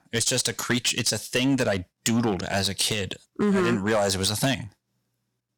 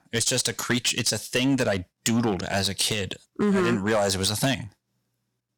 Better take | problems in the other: neither | distortion; slight; 6% of the sound clipped; the same in both

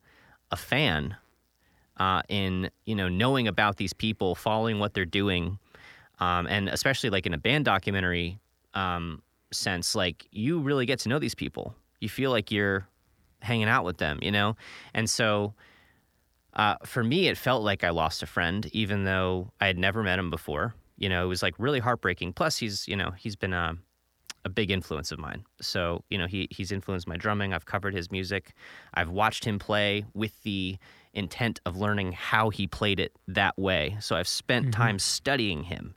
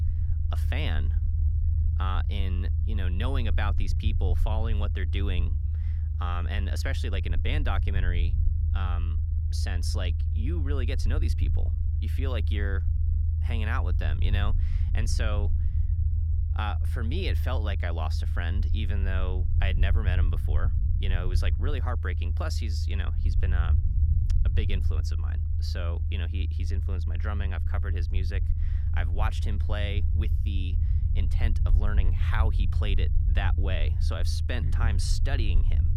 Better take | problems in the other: first | low rumble; loud; throughout; 8 dB below the speech

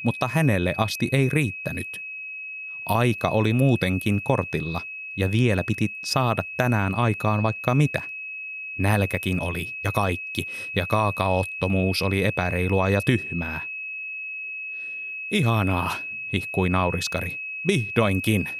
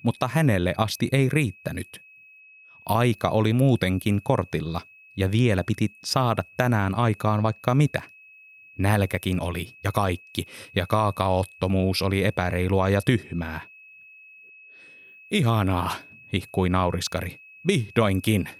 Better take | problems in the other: second | high-pitched whine; loud; throughout; 2.5 kHz, 7 dB below the speech; faint in the second

